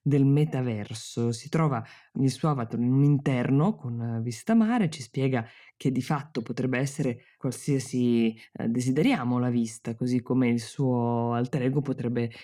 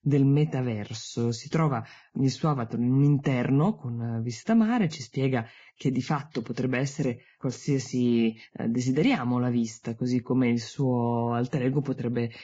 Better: first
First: none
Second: garbled, watery; badly; nothing above 7.5 kHz

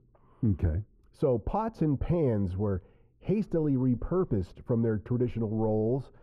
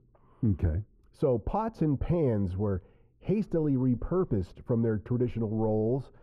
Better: neither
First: muffled; very; fading above 2 kHz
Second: muffled; very; fading above 2 kHz

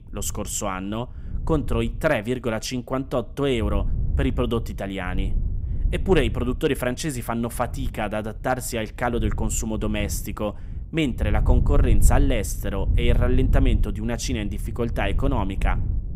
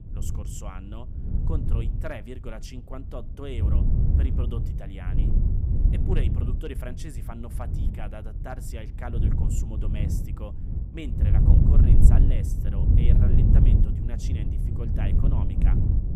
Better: first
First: wind noise on the microphone; occasional gusts; 15 dB below the speech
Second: wind noise on the microphone; heavy; 3 dB above the speech

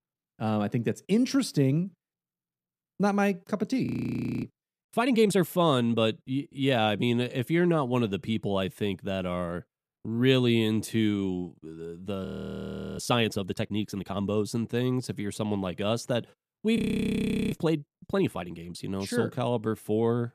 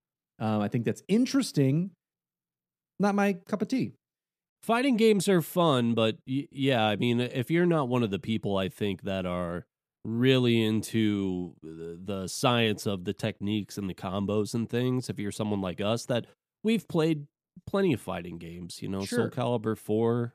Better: second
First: audio freezing; at 4 s for 0.5 s, at 12 s for 0.5 s and at 17 s for 0.5 s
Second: none

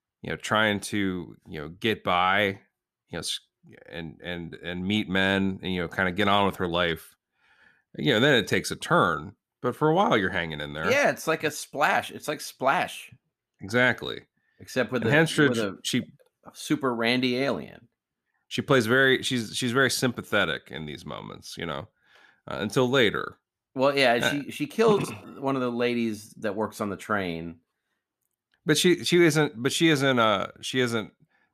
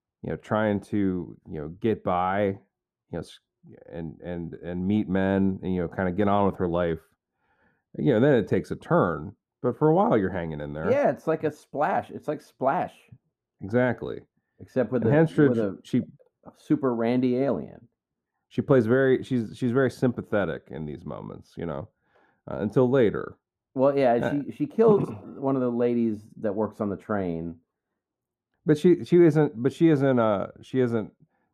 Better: first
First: none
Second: muffled; very; fading above 1.5 kHz

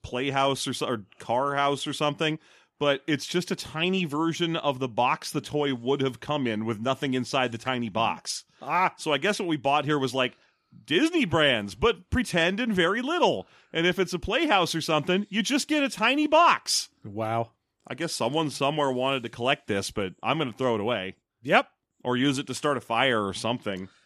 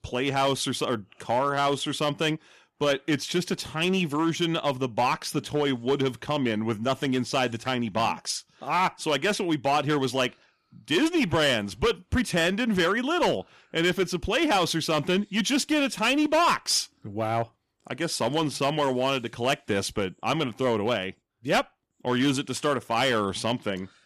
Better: first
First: none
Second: distortion; slight; 6% of the sound clipped

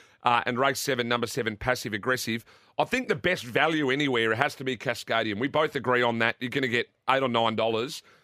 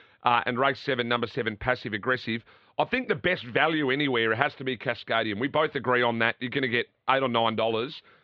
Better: first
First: none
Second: muffled; slightly; fading above 4 kHz

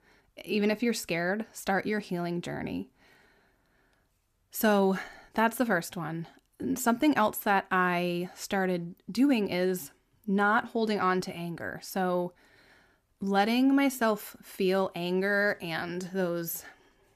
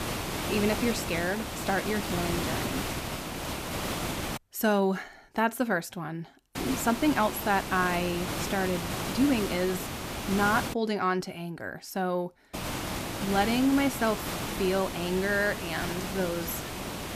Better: first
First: none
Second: hiss; loud; until 4.5 s, from 6.5 to 11 s and from 13 s on; 4 dB below the speech

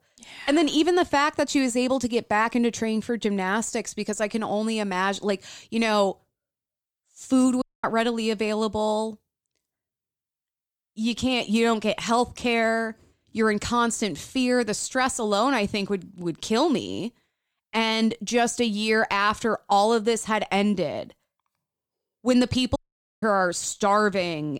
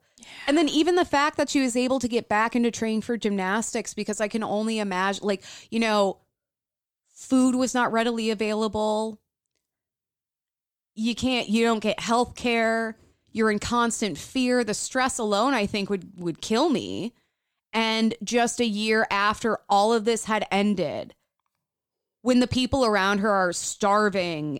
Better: second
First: audio cutting out; at 7.5 s and at 23 s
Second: none

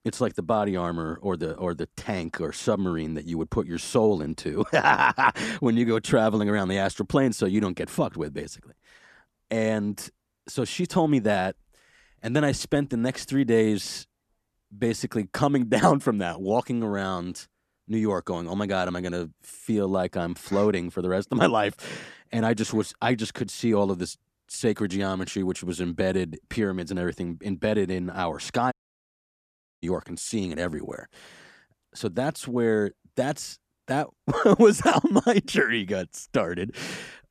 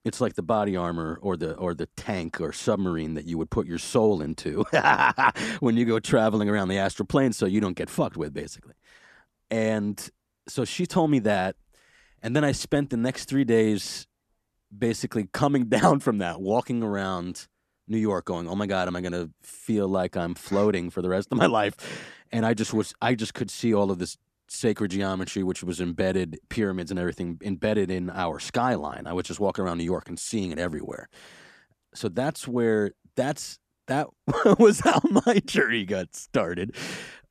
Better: second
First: audio cutting out; at 29 s for 1 s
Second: none

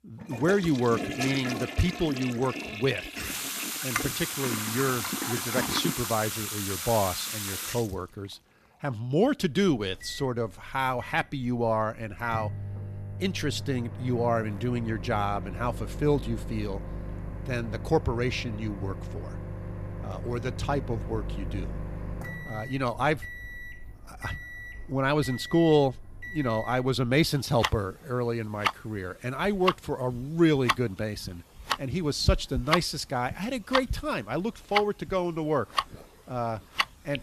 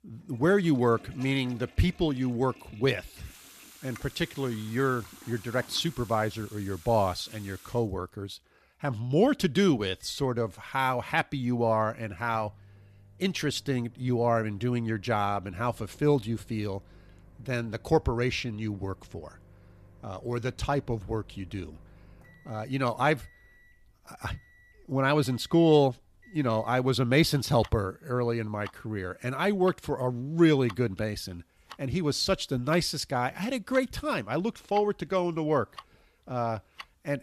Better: second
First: household noises; loud; throughout; 5 dB below the speech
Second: household noises; faint; throughout; 25 dB below the speech

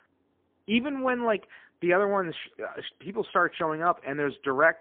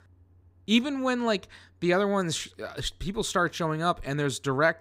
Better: second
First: phone-call audio; poor line; nothing above 3.5 kHz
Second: none

